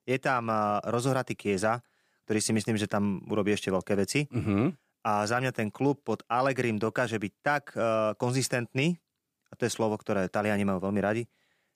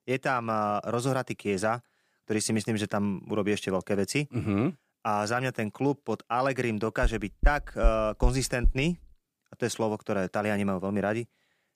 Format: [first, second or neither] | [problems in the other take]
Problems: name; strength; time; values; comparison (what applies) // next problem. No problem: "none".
first | door banging; noticeable; from 7 to 8.5 s; peak 3 dB below the speech